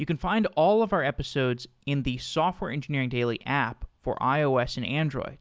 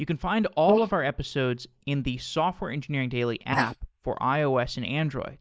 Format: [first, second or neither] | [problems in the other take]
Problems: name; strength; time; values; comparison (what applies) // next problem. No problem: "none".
first | noise reduction (neural mask model Resemble Enhance denoiser)